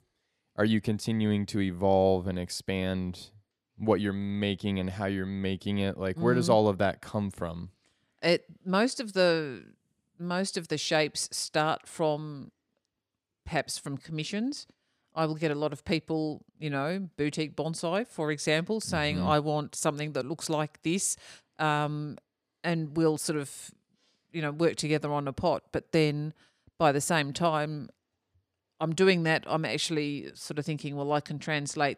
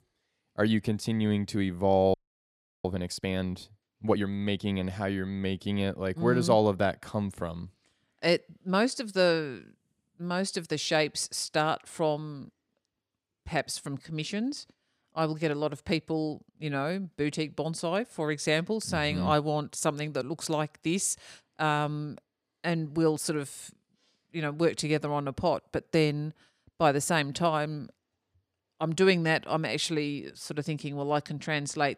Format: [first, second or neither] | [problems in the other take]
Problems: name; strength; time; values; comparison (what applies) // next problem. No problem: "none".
first | audio freezing; at 2 s for 0.5 s